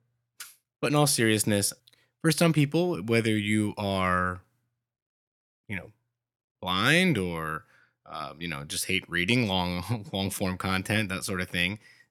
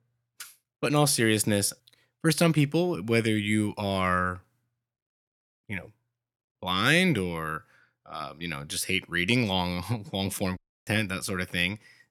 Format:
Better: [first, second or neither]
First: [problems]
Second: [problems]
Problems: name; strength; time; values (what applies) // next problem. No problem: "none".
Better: first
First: none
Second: audio cutting out; at 11 s